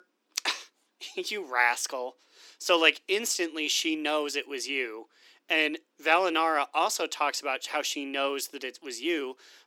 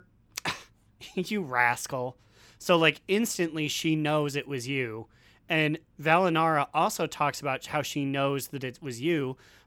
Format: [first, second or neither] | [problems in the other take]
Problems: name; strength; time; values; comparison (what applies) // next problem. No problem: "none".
second | thin; somewhat; fading below 300 Hz